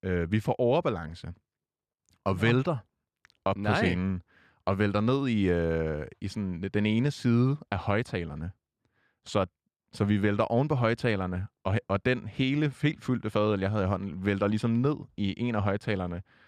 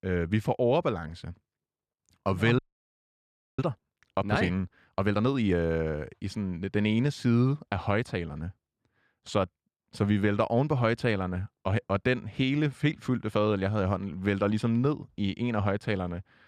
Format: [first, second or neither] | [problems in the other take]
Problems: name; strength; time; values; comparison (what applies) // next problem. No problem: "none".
first | audio freezing; at 2.5 s for 1 s